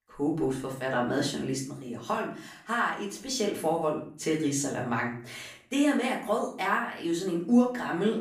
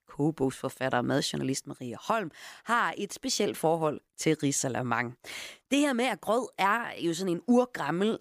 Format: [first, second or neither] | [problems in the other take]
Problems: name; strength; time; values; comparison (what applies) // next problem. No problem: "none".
second | room echo; slight; dies away in 0.5 s // off-mic speech; far